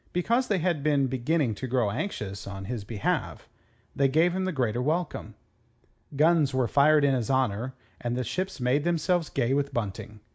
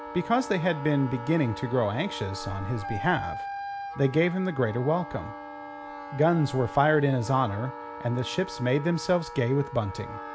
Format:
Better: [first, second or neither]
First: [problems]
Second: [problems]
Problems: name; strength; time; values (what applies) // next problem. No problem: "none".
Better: first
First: none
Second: background sound (Wind instrument, woodwind instrument + Wind instrument, woodwind instrument); 11 dB below the speech